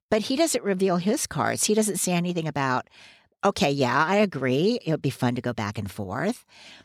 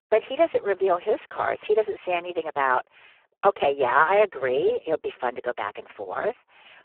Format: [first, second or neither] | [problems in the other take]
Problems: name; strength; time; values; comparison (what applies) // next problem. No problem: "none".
first | phone-call audio; poor line